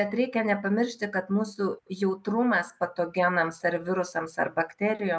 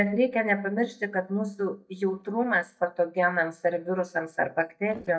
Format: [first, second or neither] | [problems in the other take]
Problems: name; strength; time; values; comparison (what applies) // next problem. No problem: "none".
first | noise reduction (neural mask model DeepFilterNet 3)